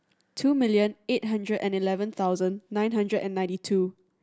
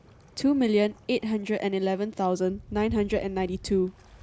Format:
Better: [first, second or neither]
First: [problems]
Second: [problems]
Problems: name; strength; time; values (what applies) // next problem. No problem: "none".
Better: first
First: none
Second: background sound (Waves, surf); 18 dB below the speech